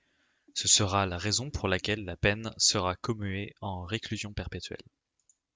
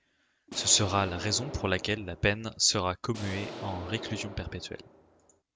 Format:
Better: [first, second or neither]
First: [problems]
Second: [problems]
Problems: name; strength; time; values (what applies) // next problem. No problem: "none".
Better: first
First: none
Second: background sound (Explosion); 12 dB below the speech